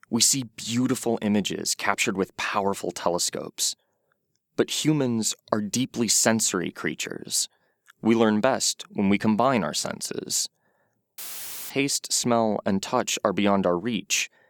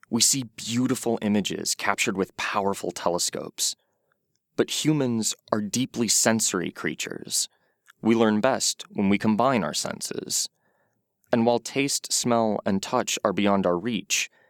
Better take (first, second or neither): second